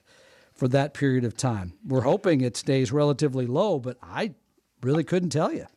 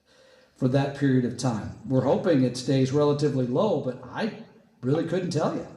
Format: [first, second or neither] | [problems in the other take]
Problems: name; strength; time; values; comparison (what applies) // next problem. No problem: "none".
first | room echo; slight; dies away in 0.7 s // off-mic speech; somewhat distant